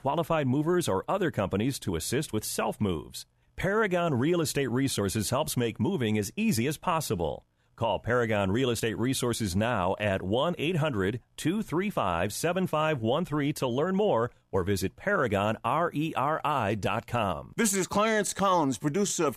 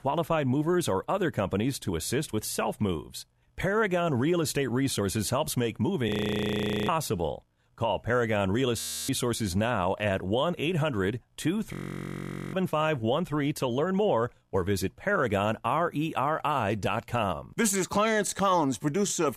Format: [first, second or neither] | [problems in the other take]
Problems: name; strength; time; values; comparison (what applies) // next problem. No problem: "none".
first | audio freezing; at 6 s for 1 s, at 9 s and at 12 s for 1 s